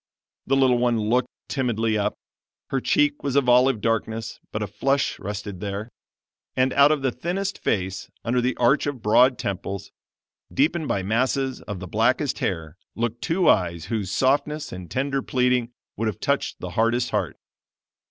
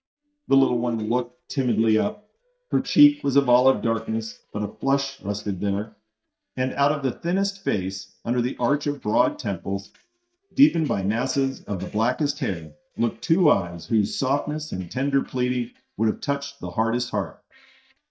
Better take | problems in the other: first | noise reduction (neural mask model DeepFilterNet 3)

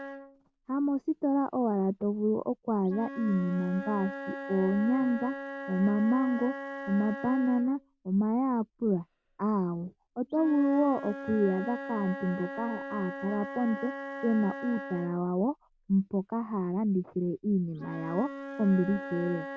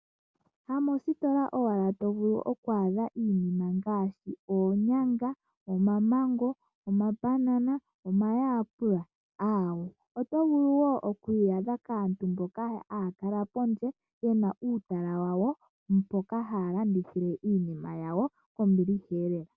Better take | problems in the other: second | background sound (Wind instrument, woodwind instrument); 12 dB below the speech

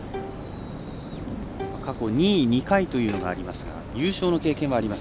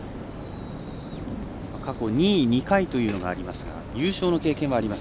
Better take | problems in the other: second | background sound (Bowed string instrument); 16 dB below the speech

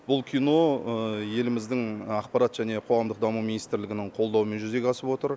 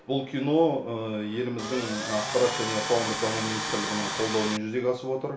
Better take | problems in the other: first | background sound (Tools); 4 dB below the speech // room echo; dies away in 0.5 s

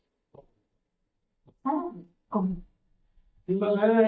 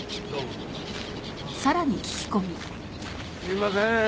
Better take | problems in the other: second | noise reduction (neural mask model DeepFilterNet 3)

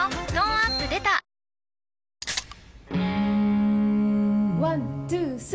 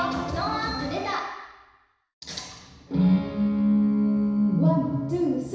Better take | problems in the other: first | room echo; dies away in 1 s

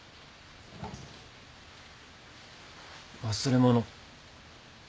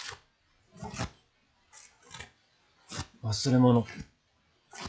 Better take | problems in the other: first | noise reduction (classical method log-MMSE)

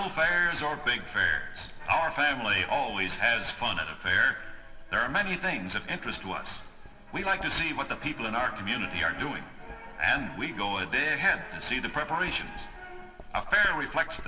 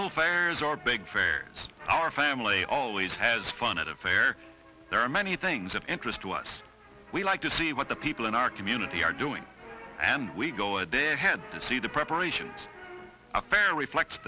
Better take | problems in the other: second | background sound (Writing); 14 dB below the speech // room echo; dies away in 2.6 s

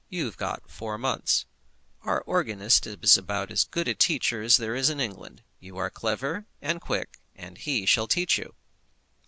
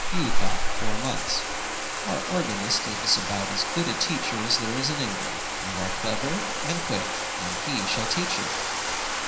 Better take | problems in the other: first | background sound (Bathtub (filling or washing)); 4 dB above the speech // room echo; dies away in 0.9 s

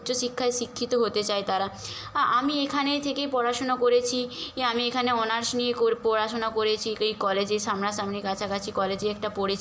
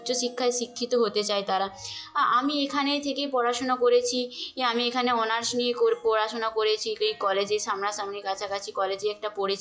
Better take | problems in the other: first | noise reduction (classical method log-MMSE)

